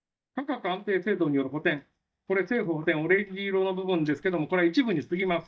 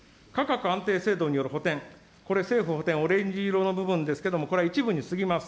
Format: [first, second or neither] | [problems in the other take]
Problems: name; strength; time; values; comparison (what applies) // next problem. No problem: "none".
second | noise reduction (neural mask model DeepFilterNet 3)